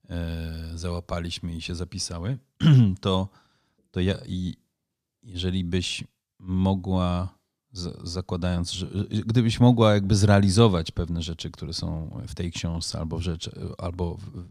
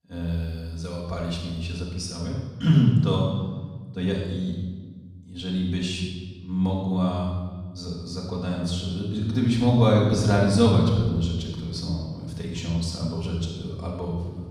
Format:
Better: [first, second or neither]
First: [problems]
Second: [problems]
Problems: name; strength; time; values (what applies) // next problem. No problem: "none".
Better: first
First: none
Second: off-mic speech; far // room echo; noticeable; dies away in 1.3 s